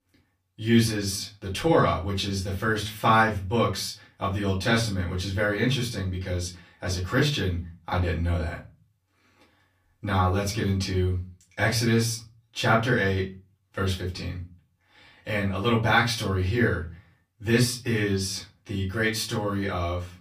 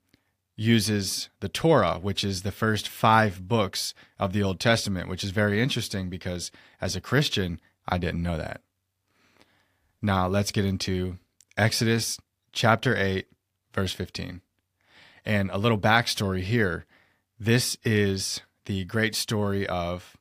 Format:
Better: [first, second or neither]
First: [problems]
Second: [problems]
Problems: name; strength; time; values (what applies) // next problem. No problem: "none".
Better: second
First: off-mic speech; far // room echo; very slight; dies away in 0.3 s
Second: none